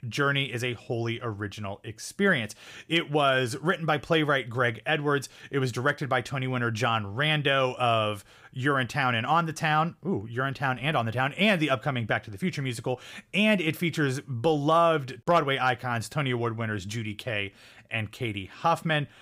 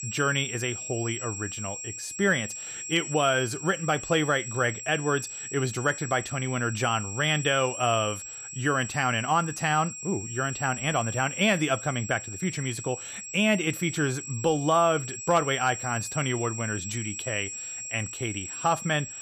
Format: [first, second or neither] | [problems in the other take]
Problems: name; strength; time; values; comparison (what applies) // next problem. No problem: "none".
first | high-pitched whine; loud; throughout; 7.5 kHz, 8 dB below the speech